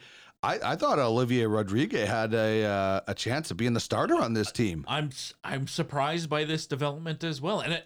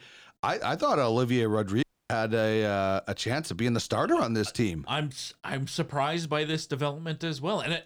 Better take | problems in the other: first | audio cutting out; at 2 s

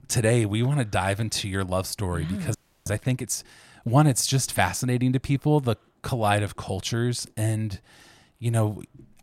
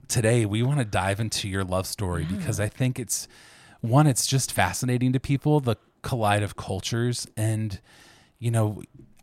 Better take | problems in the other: second | audio freezing; at 2.5 s

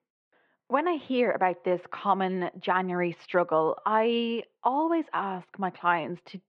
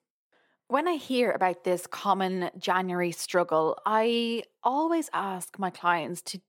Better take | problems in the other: second | muffled; very; fading above 3 kHz

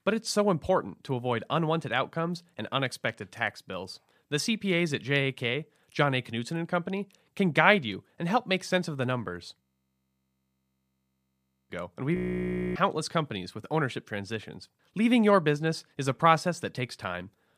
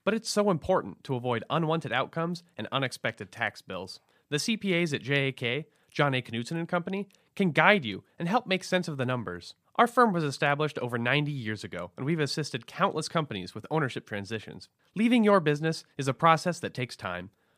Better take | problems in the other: second | audio freezing; at 9.5 s for 2 s and at 12 s for 0.5 s

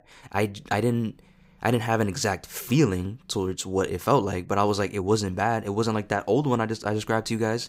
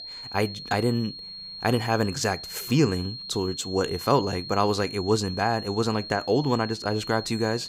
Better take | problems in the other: first | high-pitched whine; loud; throughout; 4.5 kHz, 10 dB below the speech

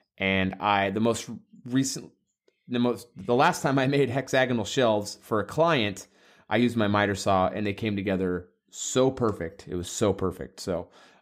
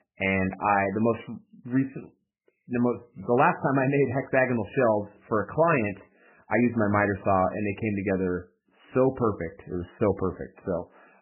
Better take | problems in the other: first | garbled, watery; badly; nothing above 2.5 kHz

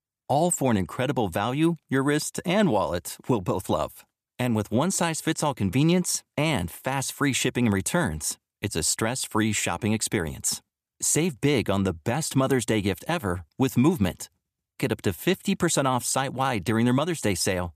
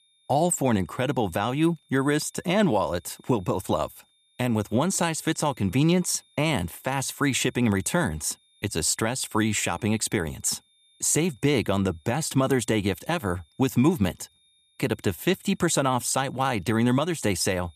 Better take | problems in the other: first | high-pitched whine; faint; throughout; 3.5 kHz, 35 dB below the speech

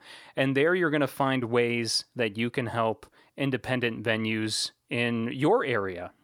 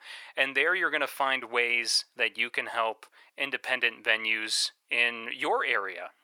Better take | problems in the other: first | thin; very; fading below 700 Hz

